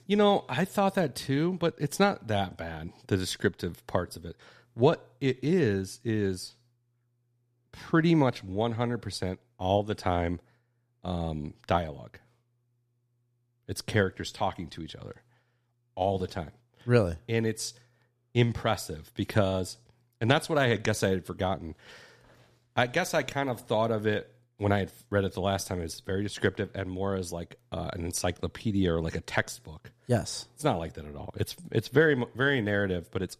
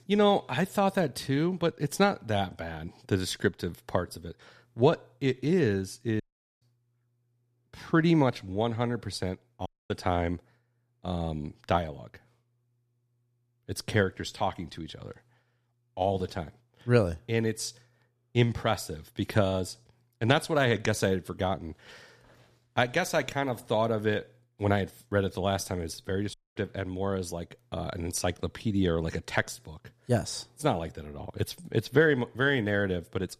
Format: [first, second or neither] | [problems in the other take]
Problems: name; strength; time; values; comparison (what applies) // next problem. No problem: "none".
first | audio cutting out; at 6 s, at 9.5 s and at 26 s